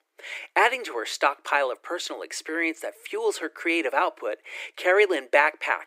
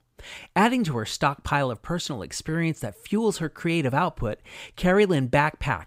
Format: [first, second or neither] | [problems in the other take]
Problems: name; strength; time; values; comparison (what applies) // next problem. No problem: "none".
second | thin; very; fading below 300 Hz